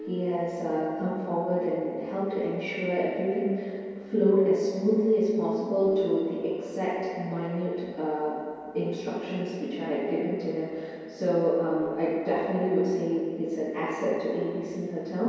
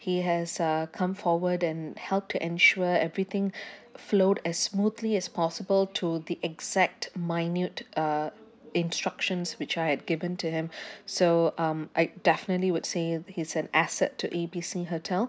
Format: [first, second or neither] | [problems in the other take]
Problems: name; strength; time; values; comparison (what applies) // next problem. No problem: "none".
second | background sound (Guitar); 19 dB below the speech // room echo; dies away in 2.2 s